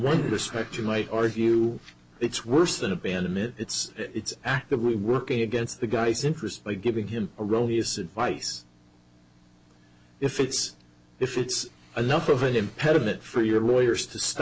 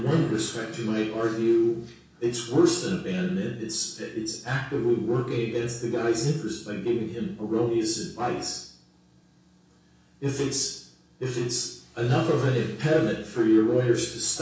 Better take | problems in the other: first | room echo; dies away in 0.6 s

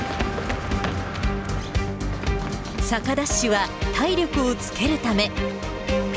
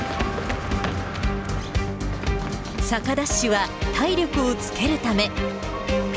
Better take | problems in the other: first | background sound (Piano); 17 dB below the speech

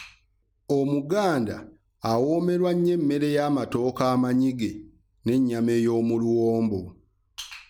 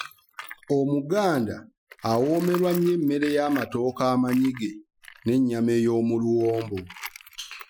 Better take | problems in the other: first | noise reduction (classical method Wiener filter)

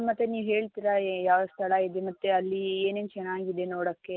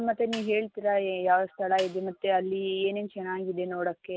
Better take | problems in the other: first | background sound (Snare drum); 18 dB below the speech

